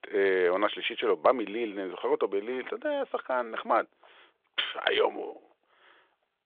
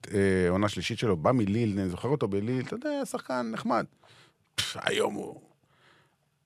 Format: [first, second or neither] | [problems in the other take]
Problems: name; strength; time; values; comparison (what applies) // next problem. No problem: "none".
second | phone-call audio; nothing above 3.5 kHz